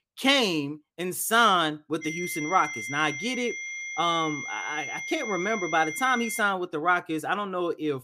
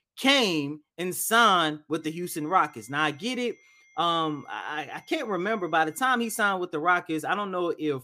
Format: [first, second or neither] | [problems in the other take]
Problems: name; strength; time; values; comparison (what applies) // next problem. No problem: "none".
second | high-pitched whine; loud; from 2 to 6.5 s; 2 kHz, 7 dB below the speech; faint in the second